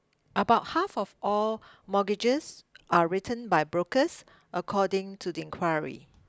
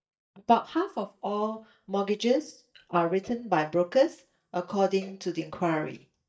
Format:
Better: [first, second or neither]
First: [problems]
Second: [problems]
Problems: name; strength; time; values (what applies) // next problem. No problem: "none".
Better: first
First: none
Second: noise reduction (neural mask model DeepFilterNet 3)